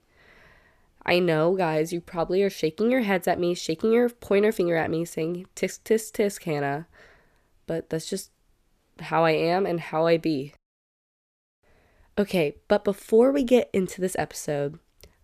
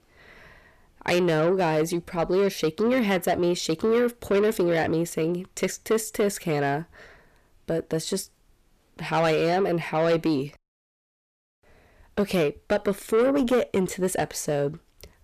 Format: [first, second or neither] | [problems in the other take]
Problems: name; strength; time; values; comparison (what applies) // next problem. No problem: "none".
first | distortion; slight; 10 dB below the speech